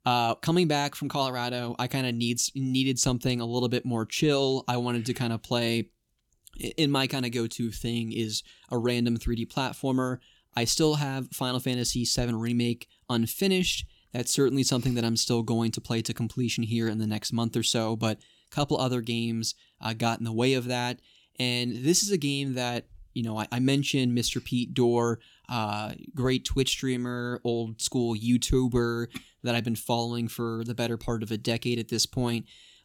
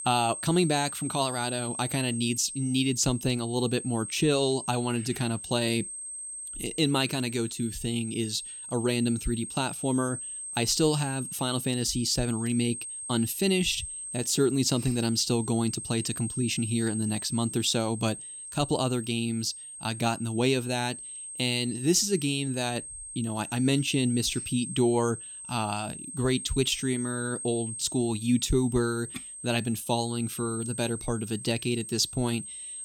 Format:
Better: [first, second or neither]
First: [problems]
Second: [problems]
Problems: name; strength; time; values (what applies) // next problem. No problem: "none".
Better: first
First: none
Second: high-pitched whine; loud; throughout; 8.5 kHz, 8 dB below the speech